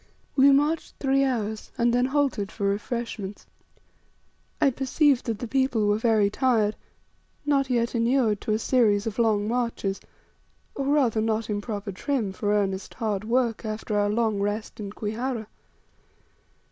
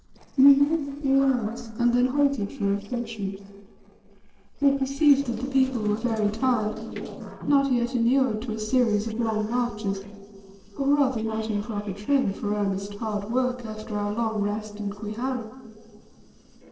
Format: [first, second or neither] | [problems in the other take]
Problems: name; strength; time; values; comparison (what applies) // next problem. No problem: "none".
first | noise reduction (neural separator model SepFormer DNS4)